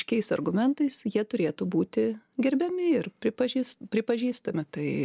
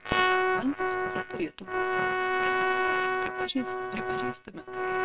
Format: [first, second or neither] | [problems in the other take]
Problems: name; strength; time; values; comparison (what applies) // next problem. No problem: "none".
first | noise reduction (neural separator model SepFormer WHAMR!)